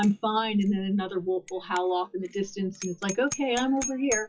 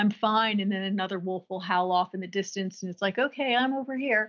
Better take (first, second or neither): second